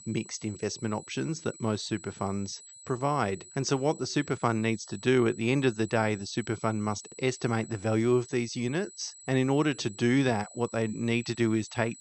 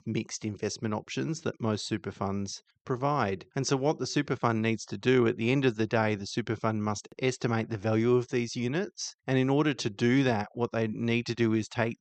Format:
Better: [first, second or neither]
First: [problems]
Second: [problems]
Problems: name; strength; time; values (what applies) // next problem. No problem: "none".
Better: second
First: high-pitched whine; noticeable; throughout; 8 kHz, 20 dB below the speech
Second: none